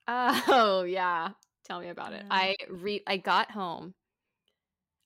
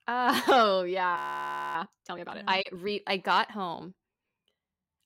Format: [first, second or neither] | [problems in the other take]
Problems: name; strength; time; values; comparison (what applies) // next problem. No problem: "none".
first | audio freezing; at 1 s for 0.5 s